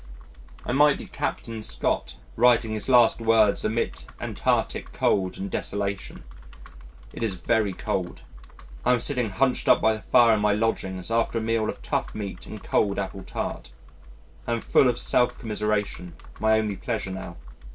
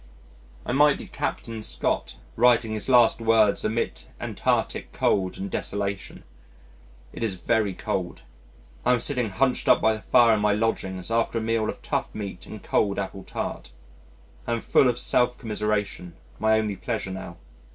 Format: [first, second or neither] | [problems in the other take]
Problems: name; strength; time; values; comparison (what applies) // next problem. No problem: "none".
second | background sound (Computer keyboard); 15 dB below the speech